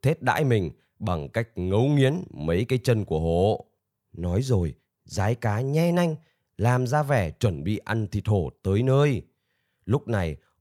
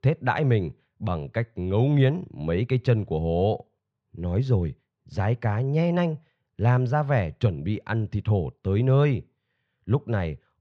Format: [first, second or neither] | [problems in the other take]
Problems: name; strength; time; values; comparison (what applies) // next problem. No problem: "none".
first | muffled; slightly; fading above 3.5 kHz